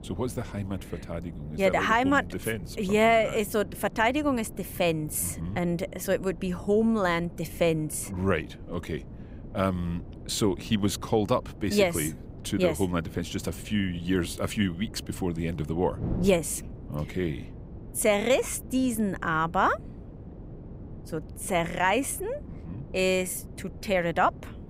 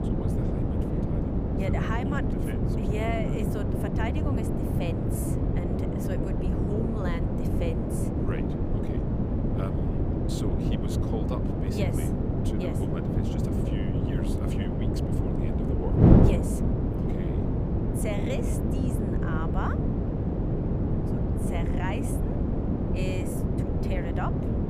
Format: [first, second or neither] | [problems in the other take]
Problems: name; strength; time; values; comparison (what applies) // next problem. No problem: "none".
first | wind noise on the microphone; heavy; 4 dB above the speech; occasional gusts in the first